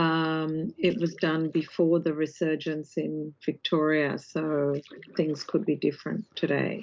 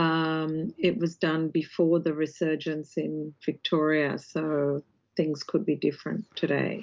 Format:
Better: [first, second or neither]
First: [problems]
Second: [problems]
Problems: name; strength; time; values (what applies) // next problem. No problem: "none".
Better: second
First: noise reduction (neural mask model Resemble Enhance denoiser)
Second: none